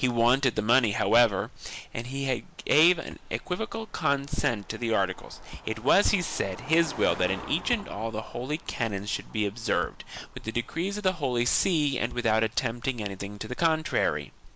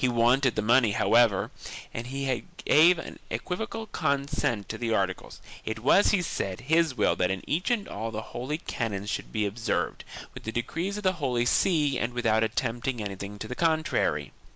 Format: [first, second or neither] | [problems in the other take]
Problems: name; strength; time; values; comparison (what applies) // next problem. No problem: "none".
second | background sound (Thump, thud + Car passing by); 19 dB below the speech